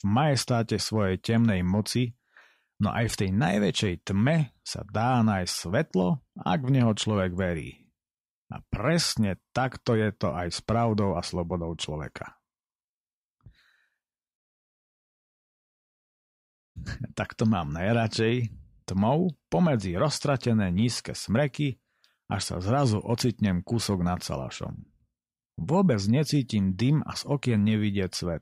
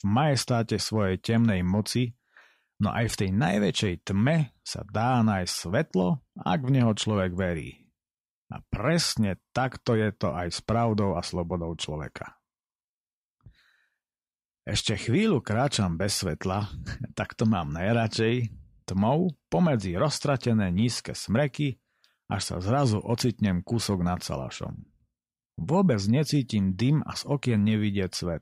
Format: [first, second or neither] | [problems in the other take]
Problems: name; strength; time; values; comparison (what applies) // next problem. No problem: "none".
second | audio cutting out; at 14 s for 2.5 s